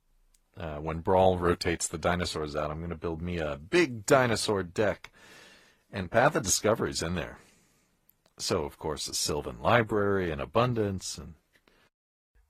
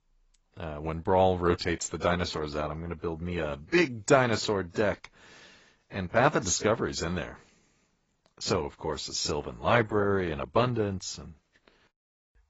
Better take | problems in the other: first | garbled, watery; badly; nothing above 7.5 kHz; slightly in the first

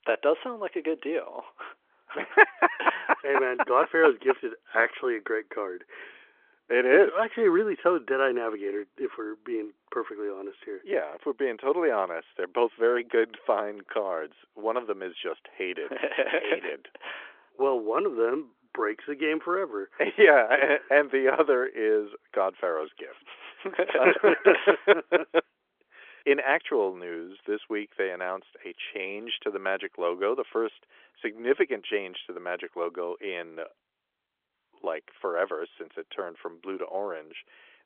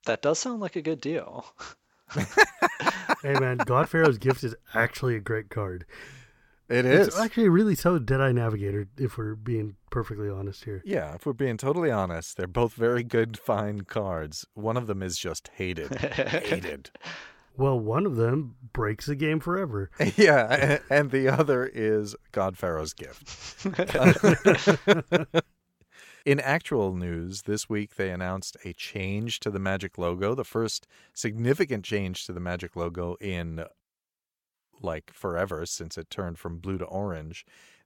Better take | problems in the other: second | phone-call audio; nothing above 3.5 kHz

